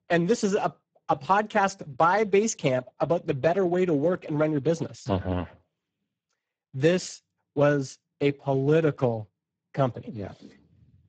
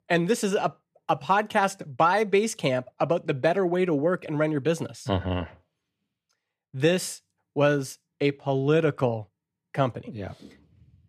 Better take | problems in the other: second | garbled, watery; badly; nothing above 7.5 kHz

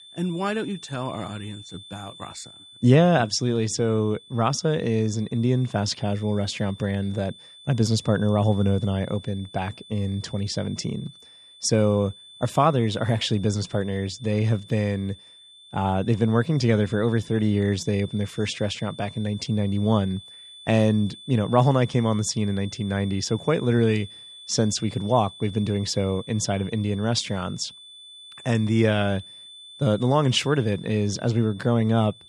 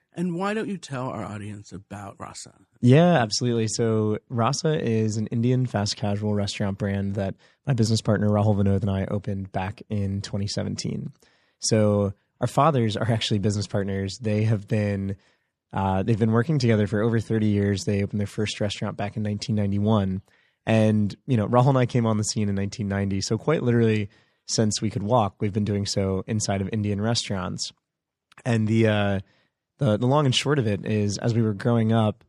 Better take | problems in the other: second | high-pitched whine; noticeable; throughout; 3.5 kHz, 20 dB below the speech

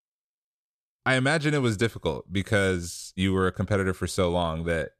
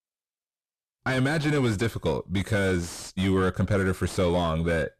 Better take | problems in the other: first | distortion; heavy; 7 dB below the speech

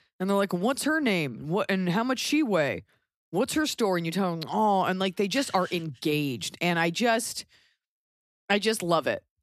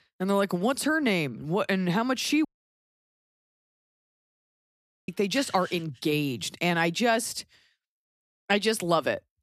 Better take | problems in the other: first | audio cutting out; at 2.5 s for 2.5 s

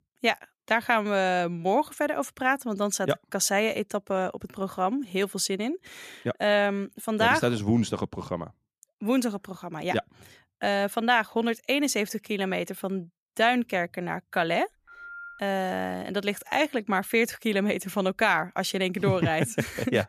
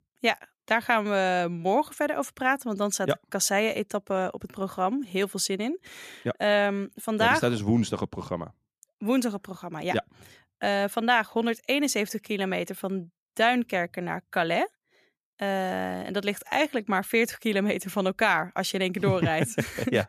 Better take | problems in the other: second | phone ringing; faint; at 15 s; peak 15 dB below the speech

